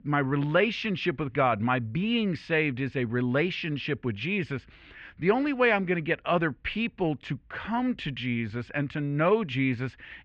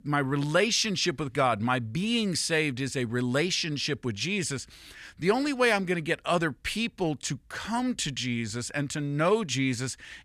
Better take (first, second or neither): second